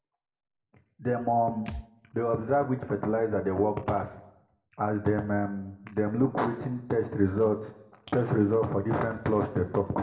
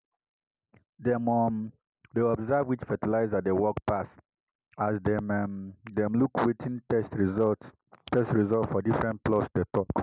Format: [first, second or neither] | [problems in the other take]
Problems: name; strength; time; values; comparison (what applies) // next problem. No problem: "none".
second | background sound (Thump, thud); 16 dB below the speech // room echo; dies away in 0.7 s